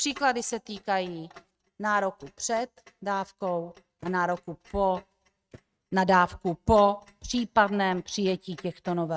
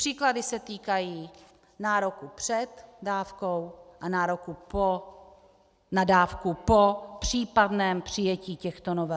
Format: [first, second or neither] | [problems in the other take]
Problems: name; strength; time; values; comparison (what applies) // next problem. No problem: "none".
second | noise reduction (neural mask model RNNoise)